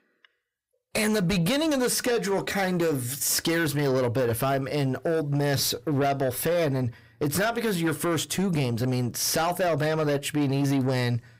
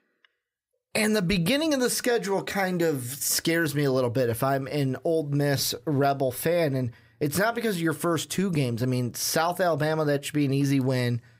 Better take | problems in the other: second | distortion; slight; 10 dB below the speech

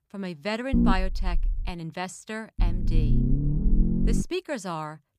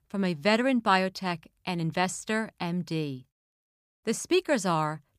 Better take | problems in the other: second | low rumble; loud; at 0.5 s and from 2.5 to 4 s; 2 dB below the speech

